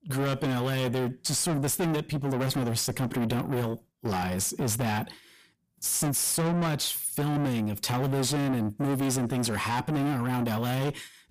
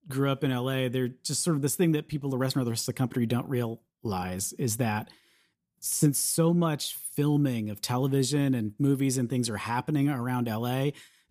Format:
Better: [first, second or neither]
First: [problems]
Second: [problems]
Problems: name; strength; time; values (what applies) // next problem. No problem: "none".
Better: second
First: distortion; heavy; 6 dB below the speech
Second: none